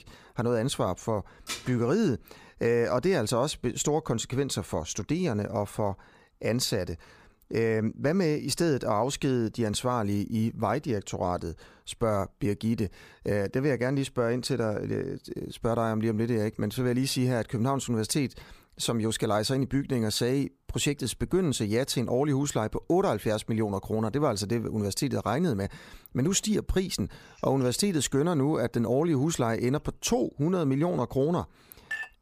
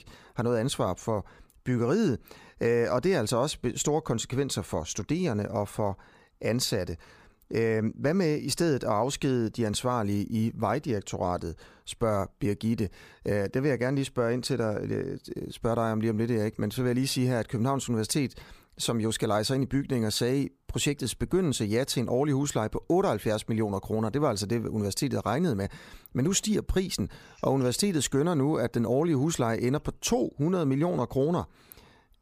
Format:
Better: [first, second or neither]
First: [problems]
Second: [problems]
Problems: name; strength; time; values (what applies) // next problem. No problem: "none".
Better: second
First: clattering dishes; noticeable; at 1.5 s and at 32 s; peak 7 dB below the speech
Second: none